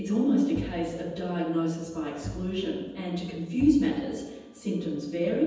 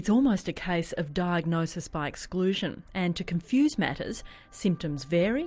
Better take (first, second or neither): second